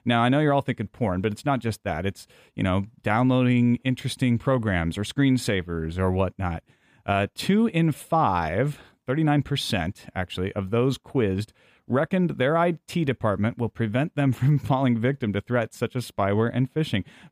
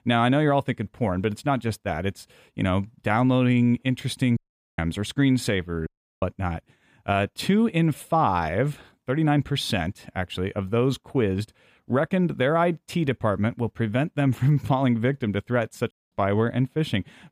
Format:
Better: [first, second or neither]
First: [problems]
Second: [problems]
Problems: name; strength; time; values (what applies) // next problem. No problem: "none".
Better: first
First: none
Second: audio cutting out; at 4.5 s, at 6 s and at 16 s